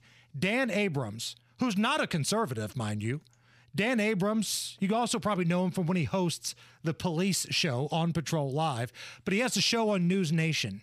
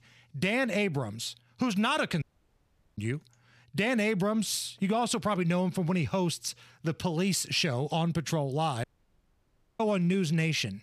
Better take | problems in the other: first | audio cutting out; at 2 s for 1 s and at 9 s for 1 s

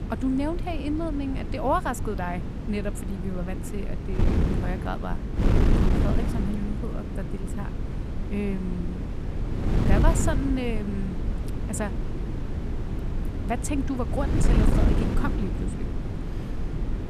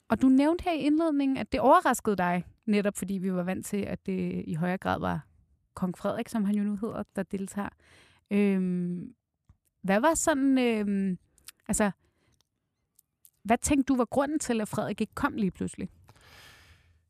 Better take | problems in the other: second | wind noise on the microphone; heavy; 4 dB below the speech

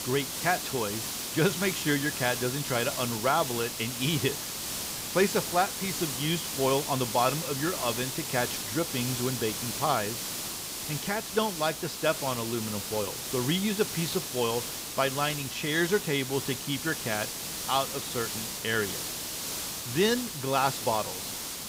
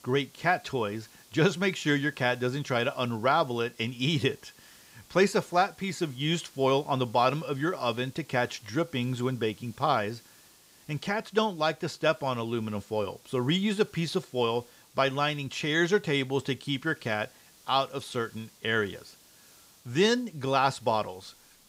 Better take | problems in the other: second | hiss; loud; throughout; 3 dB below the speech; faint in the second

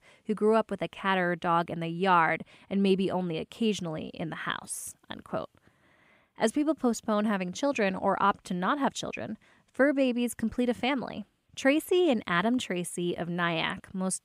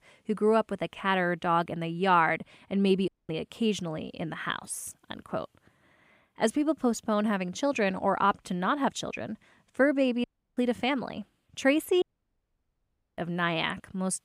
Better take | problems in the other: first | audio cutting out; at 3 s, at 10 s and at 12 s for 1 s

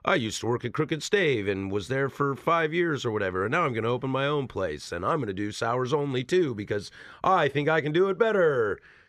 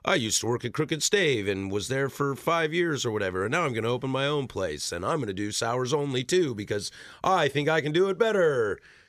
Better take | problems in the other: second | muffled; slightly; fading above 4 kHz

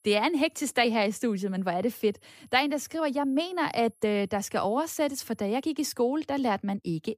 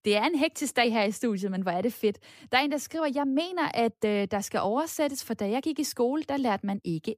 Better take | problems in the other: second | high-pitched whine; faint; until 5.5 s; 11 kHz, 35 dB below the speech

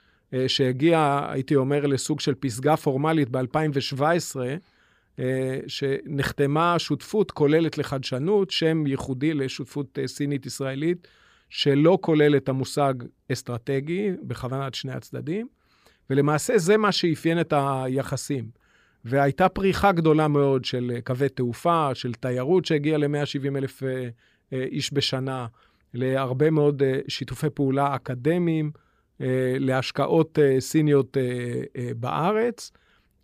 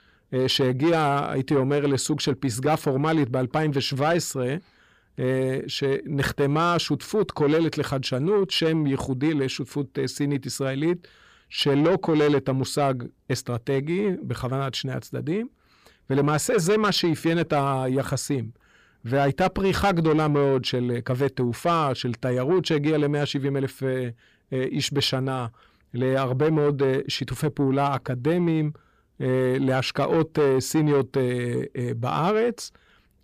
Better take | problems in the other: first | distortion; slight; 10 dB below the speech

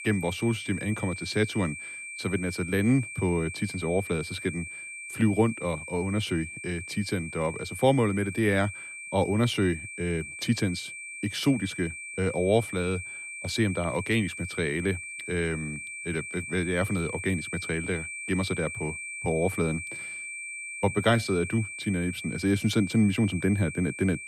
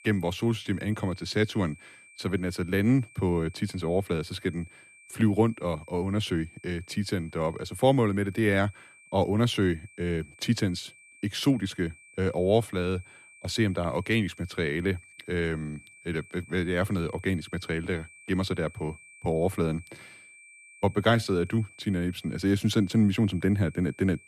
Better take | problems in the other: second | high-pitched whine; loud; throughout; 2.5 kHz, 8 dB below the speech; faint in the second

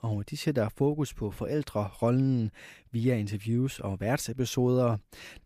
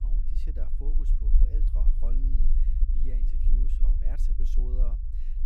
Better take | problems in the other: first | low rumble; loud; throughout; 1 dB below the speech

